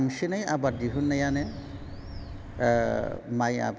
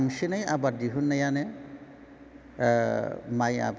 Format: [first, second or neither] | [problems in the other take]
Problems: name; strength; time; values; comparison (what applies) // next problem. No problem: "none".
second | background sound (Bird); 11 dB below the speech